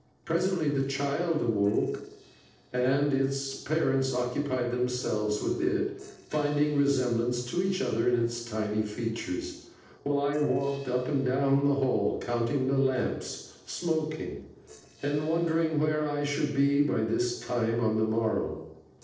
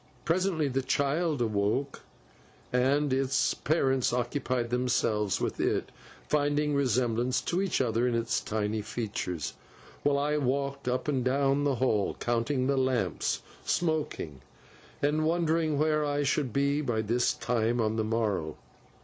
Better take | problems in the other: second | noise reduction (neural separator model SepFormer DNS4)

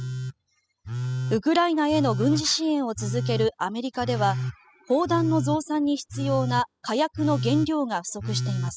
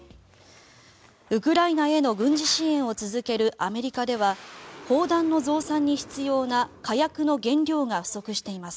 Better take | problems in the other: second | noise reduction (classical method spectral subtraction)

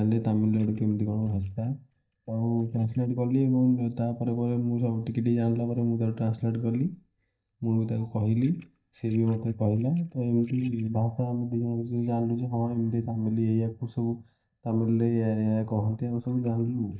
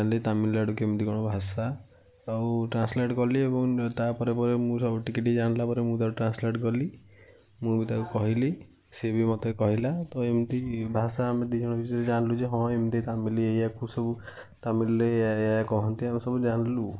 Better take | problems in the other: second | noise reduction (neural mask model DeepFilterNet 3)

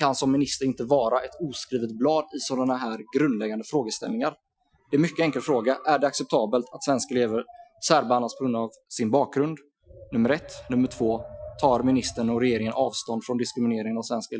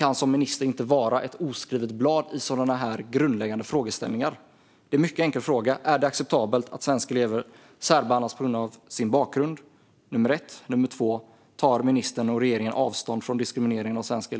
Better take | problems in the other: second | noise reduction (classical method Wiener filter)

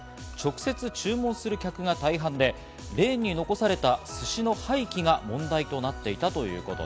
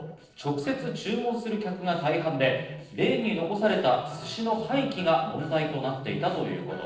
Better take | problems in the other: first | noise reduction (neural separator model SepFormer DNS4)

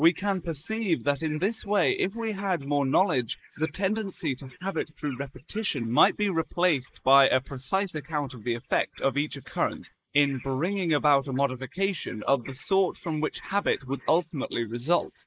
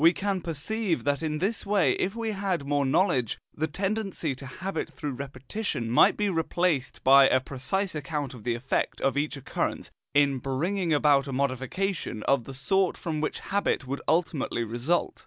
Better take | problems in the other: second | noise reduction (neural mask model Resemble Enhance denoiser)

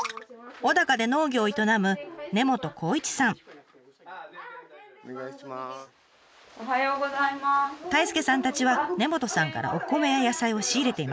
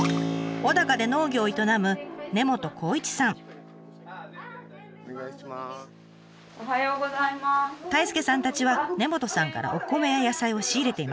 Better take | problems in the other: first | background sound (Keyboard (musical)); 11 dB below the speech

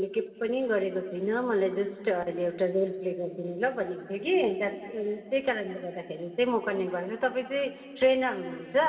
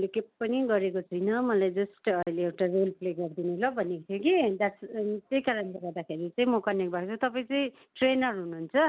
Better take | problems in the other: second | room echo; dies away in 2.5 s

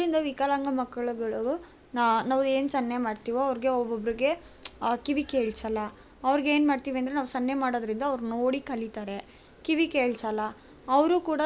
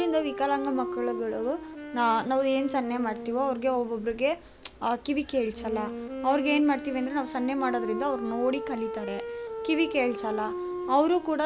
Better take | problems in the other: first | background sound (Wind instrument, woodwind instrument); 8 dB below the speech

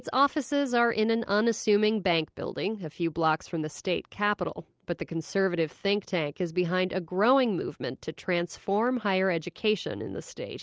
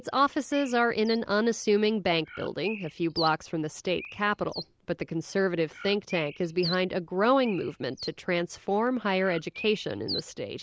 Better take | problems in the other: first | background sound (Bird); 15 dB below the speech

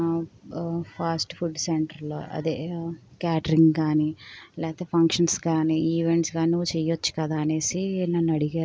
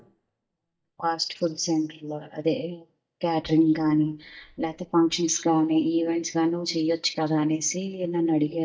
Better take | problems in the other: first | noise reduction (neural mask model DeepFilterNet 3)

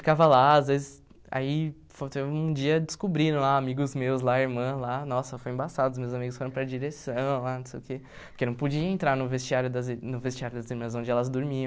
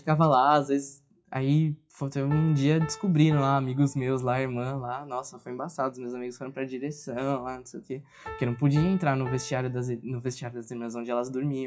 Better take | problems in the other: first | noise reduction (classical method WPE with log-MMSE)

